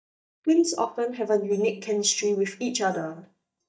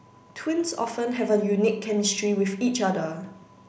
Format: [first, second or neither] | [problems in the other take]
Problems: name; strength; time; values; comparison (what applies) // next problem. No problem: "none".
second | noise reduction (neural mask model DeepFilterNet 3)